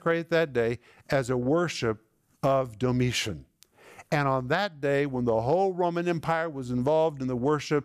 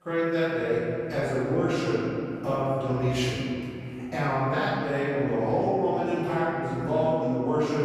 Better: first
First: none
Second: off-mic speech; far // room echo; strong; dies away in 3 s

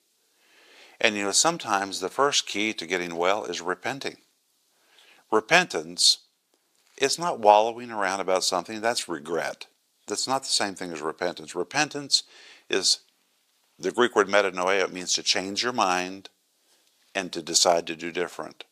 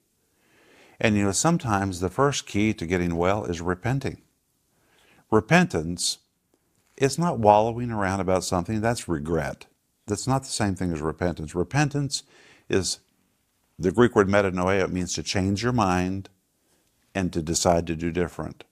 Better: second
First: thin; somewhat; fading below 400 Hz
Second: none

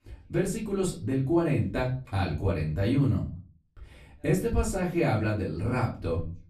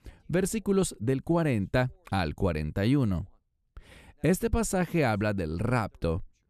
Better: second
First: off-mic speech; far // room echo; slight; dies away in 0.4 s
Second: none

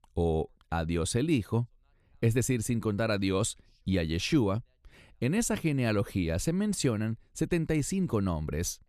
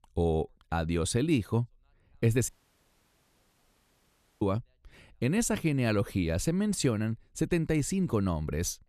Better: first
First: none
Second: audio cutting out; at 2.5 s for 2 s

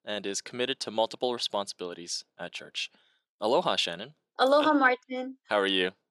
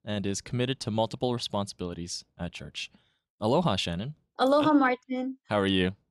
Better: second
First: thin; somewhat; fading below 400 Hz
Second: none

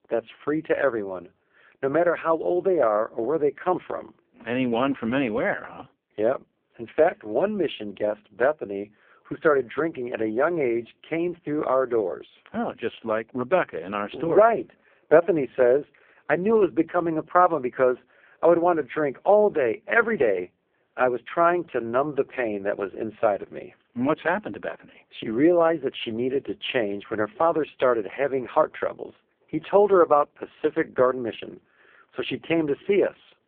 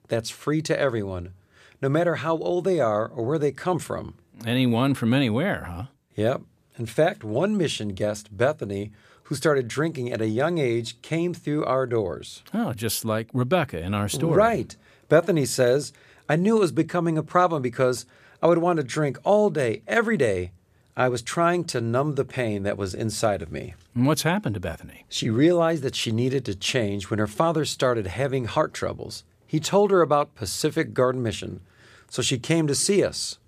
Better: second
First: phone-call audio; poor line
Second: none

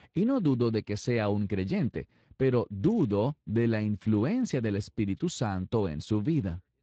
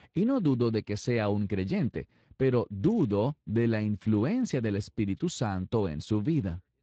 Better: neither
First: garbled, watery; slightly; nothing above 7.5 kHz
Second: garbled, watery; slightly; nothing above 7.5 kHz

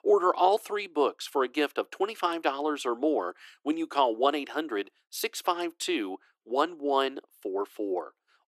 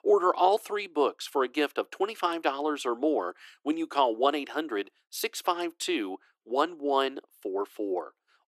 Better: neither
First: thin; somewhat; fading below 300 Hz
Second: thin; somewhat; fading below 300 Hz

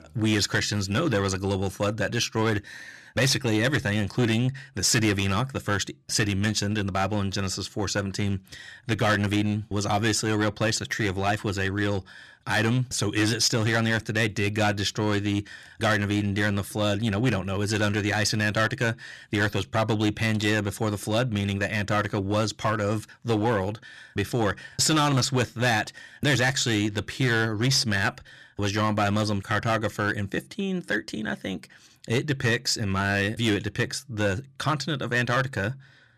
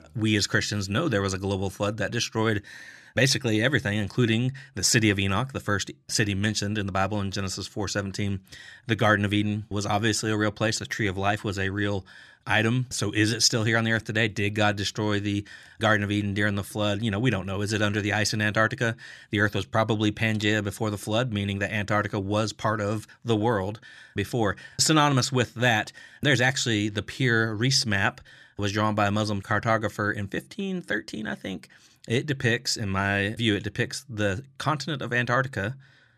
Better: second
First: distortion; slight; 6% of the sound clipped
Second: none

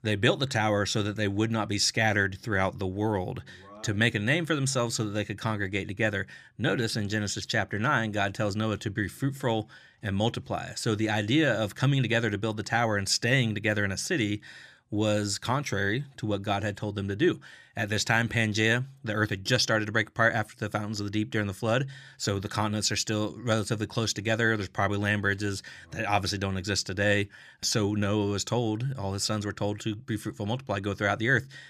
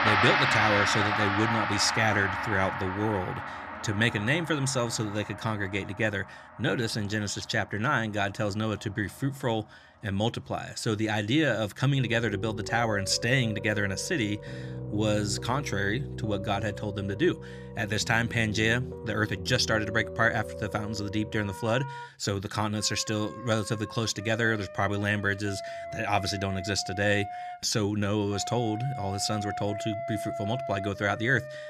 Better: first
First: none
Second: background music; loud; throughout; 6 dB below the speech

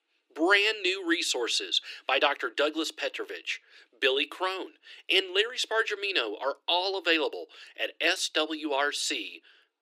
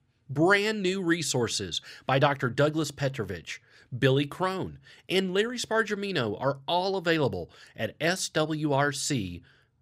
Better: second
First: thin; very; fading below 300 Hz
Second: none

